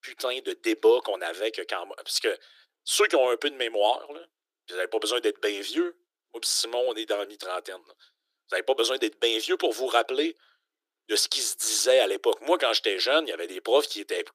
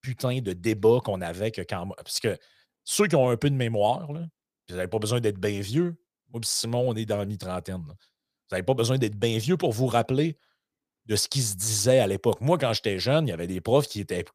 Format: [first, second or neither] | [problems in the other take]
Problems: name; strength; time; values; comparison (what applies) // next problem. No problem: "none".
second | thin; very; fading below 300 Hz